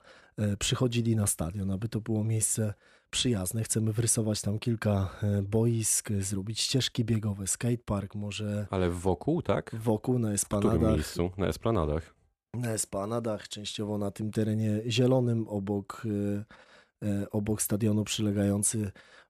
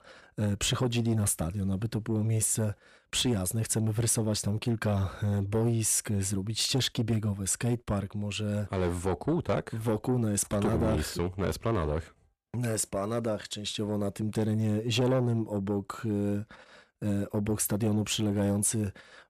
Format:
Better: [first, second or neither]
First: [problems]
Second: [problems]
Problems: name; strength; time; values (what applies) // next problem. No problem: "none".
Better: first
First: none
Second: distortion; slight; 10 dB below the speech